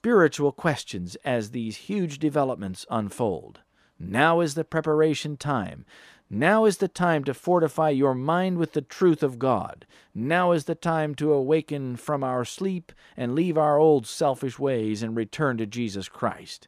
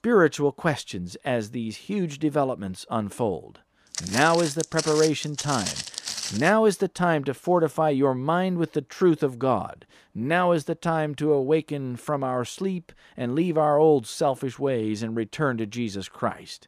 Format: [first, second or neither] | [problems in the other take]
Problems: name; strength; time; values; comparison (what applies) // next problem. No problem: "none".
first | footsteps; noticeable; from 4 to 6.5 s; peak 4 dB below the speech